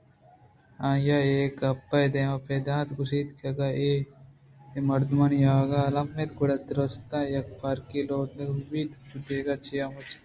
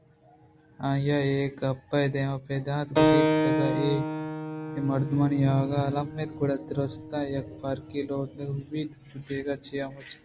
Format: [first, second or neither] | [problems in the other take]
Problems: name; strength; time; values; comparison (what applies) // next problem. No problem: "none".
first | background sound (Keyboard (musical)); 3 dB below the speech